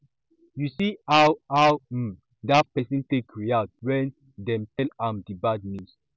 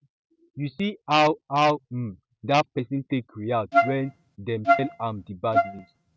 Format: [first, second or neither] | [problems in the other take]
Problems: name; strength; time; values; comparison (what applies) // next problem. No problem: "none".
first | noise reduction (neural mask model RNNoise)